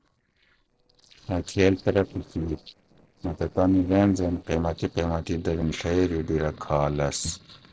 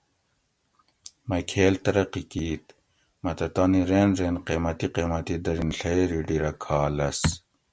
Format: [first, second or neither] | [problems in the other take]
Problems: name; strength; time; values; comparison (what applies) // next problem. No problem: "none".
second | noise reduction (neural separator model SepFormer DNS4)